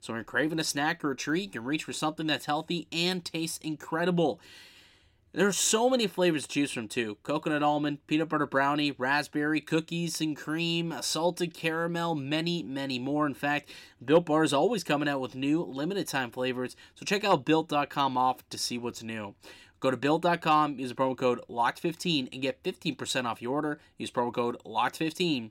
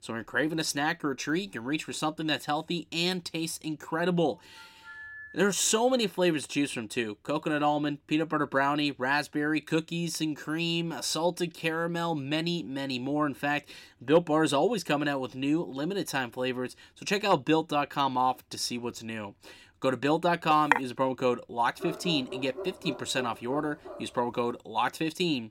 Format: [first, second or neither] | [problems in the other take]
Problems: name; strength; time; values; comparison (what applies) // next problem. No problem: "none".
first | phone ringing; faint; from 4 to 5.5 s; peak 15 dB below the speech // clattering dishes; loud; at 21 s; peak 2 dB above the speech // dog barking; noticeable; from 22 to 24 s; peak 10 dB below the speech